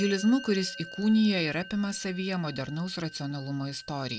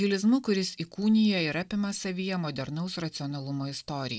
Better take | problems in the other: second | background sound (Musical instrument); 17 dB below the speech

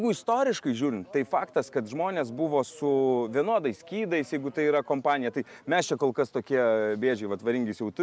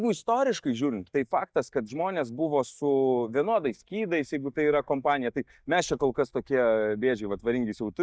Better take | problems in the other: first | noise reduction (neural mask model DeepFilterNet 3)

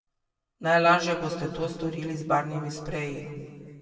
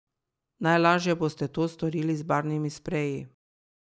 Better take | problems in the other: second | room echo; dies away in 2.1 s

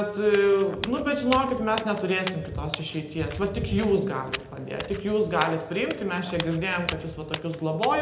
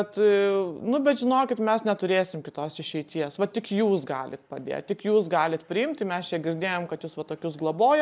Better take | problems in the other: second | background sound (Walk, footsteps); 11 dB below the speech // room echo; dies away in 0.8 s

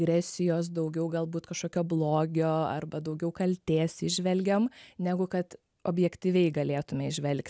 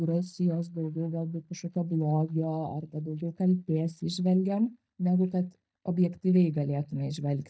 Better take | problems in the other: first | noise reduction (neural mask model DeepFilterNet 3)

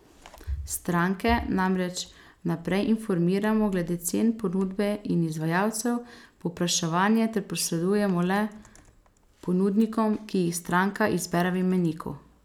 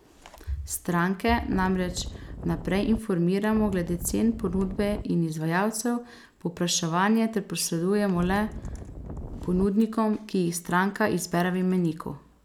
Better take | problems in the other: first | background sound (Wind); 10 dB below the speech

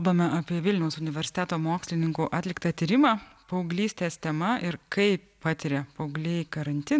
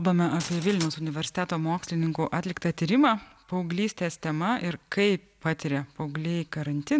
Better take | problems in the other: first | background sound (Glass); 13 dB below the speech

